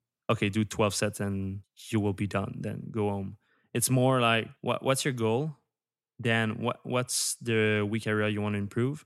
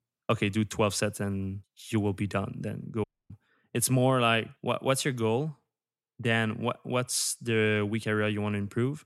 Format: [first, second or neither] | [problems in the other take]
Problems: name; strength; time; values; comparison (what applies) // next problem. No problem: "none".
first | audio cutting out; at 3 s